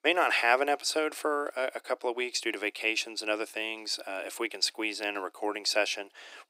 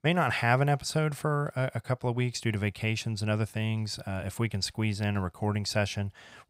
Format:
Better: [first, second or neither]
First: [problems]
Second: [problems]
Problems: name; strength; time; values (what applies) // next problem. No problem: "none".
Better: second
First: thin; very; fading below 300 Hz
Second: none